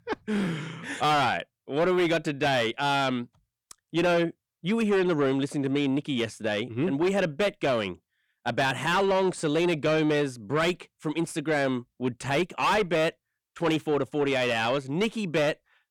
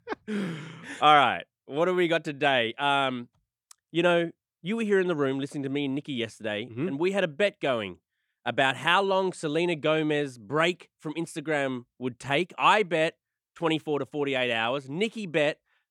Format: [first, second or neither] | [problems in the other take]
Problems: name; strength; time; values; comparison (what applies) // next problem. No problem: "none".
second | distortion; heavy; 7 dB below the speech